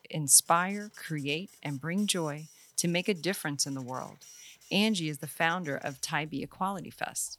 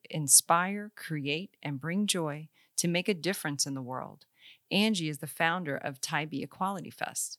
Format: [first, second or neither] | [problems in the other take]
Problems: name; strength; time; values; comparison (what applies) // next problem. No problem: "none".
second | household noises; faint; throughout; 25 dB below the speech